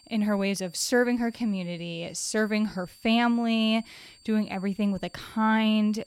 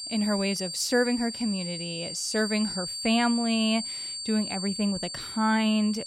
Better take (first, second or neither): first